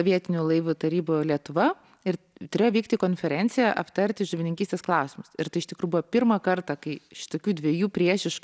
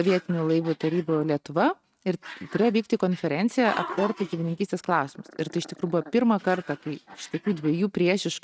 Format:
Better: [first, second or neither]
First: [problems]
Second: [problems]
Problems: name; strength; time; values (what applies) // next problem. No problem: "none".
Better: first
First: none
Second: noise reduction (neural mask model RNNoise)